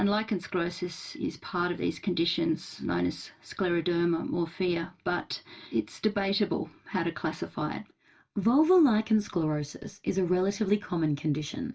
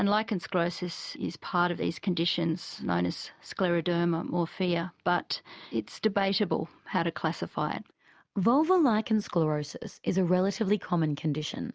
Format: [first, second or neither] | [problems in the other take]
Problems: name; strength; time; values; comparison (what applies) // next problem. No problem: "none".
second | room echo; dies away in 0.2 s